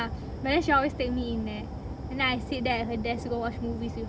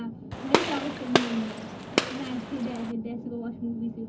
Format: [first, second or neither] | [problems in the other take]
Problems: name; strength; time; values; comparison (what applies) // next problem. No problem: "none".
first | background sound (Gunshot, gunfire); 3 dB above the speech // room echo; dies away in 0.4 s